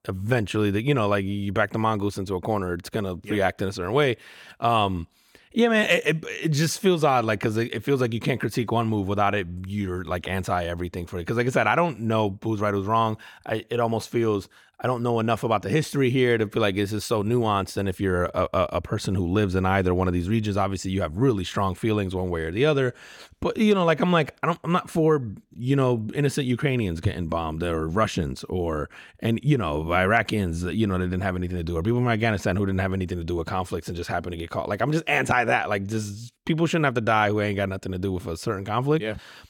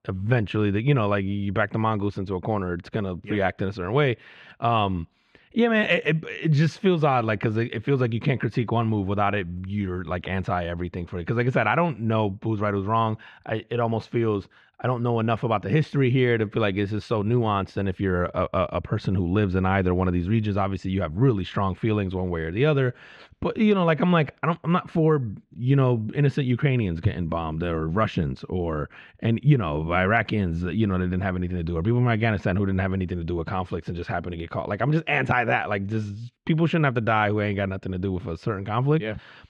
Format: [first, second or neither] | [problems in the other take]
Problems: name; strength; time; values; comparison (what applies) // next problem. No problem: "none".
first | muffled; slightly; fading above 3 kHz